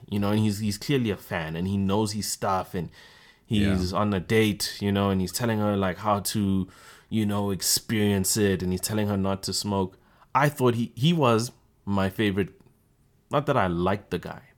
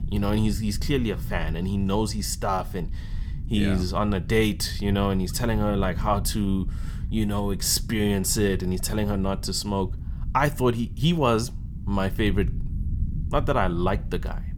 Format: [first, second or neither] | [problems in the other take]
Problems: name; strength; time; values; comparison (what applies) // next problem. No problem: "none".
first | low rumble; noticeable; throughout; 20 dB below the speech